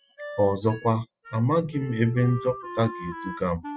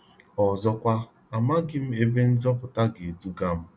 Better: second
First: noise reduction (classical method spectral subtraction)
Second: none

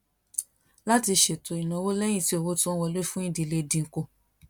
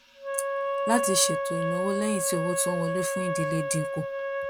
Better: first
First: none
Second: background sound (Wind instrument, woodwind instrument); as loud as the speech

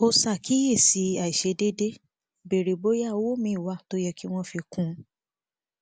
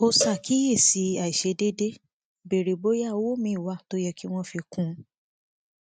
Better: first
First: none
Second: noise reduction (neural mask model RNNoise)

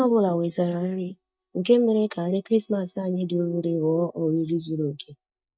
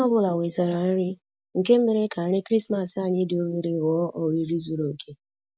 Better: second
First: noise reduction (neural mask model DeepFilterNet 3)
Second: none

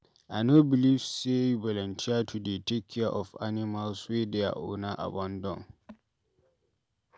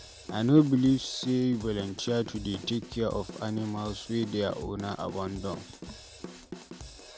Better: first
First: none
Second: background sound (Drum / Drum kit); 14 dB below the speech

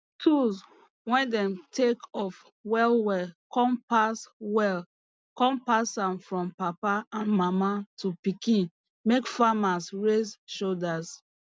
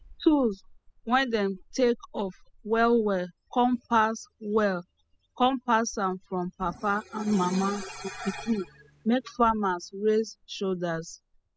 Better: first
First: none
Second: noise reduction (classical method spectral subtraction)

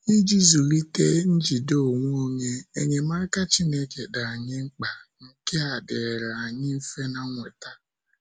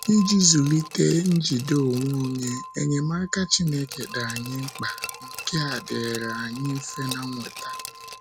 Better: first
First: none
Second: background sound (Glass + Glass); 14 dB below the speech

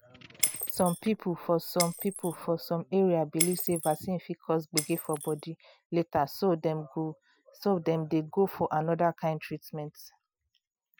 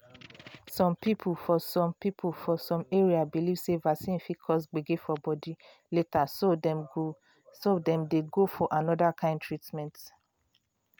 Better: second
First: noise reduction (classical method Wiener filter)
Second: none

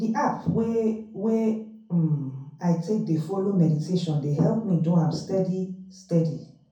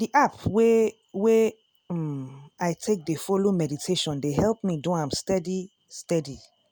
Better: second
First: room echo; dies away in 0.5 s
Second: none

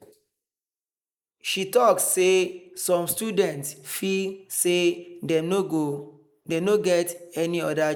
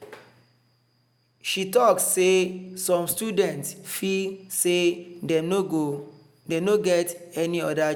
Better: second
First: noise reduction (neural mask model Resemble Enhance denoiser)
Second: none

